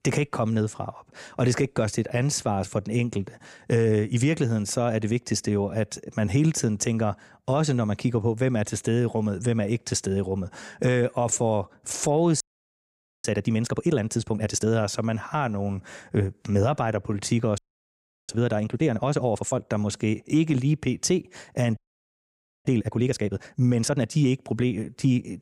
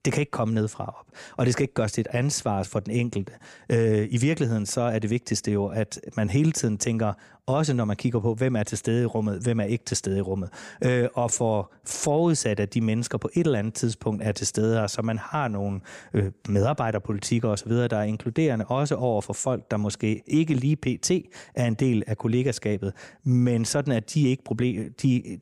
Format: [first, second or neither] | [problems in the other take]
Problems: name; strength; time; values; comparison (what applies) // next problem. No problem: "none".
second | audio freezing; at 12 s for 1 s, at 18 s for 0.5 s and at 22 s for 1 s